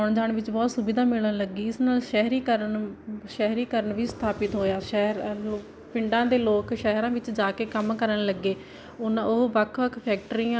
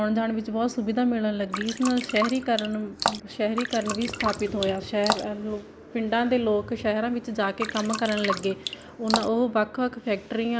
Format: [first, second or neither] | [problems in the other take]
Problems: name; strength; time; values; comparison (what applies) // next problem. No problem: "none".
first | background sound (Drip); 6 dB below the speech